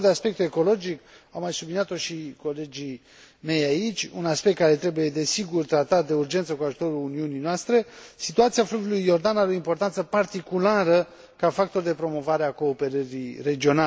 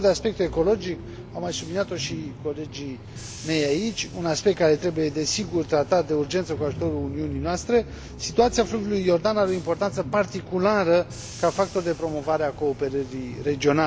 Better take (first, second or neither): first